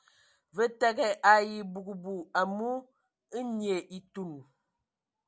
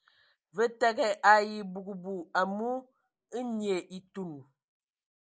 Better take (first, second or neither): first